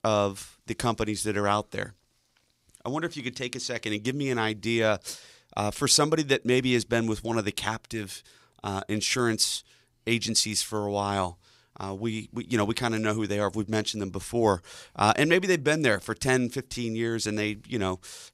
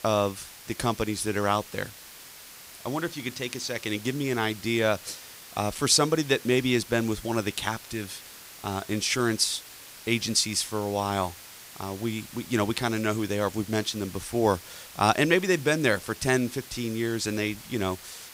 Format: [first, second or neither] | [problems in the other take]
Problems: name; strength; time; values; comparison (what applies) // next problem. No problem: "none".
first | hiss; noticeable; throughout; 15 dB below the speech